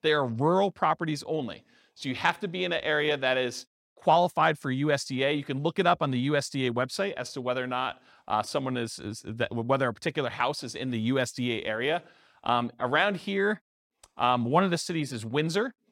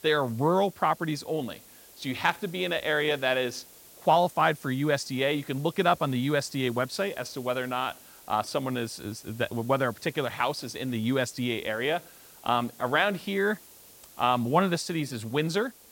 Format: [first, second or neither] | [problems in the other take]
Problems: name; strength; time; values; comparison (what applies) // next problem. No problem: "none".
first | hiss; faint; throughout; 20 dB below the speech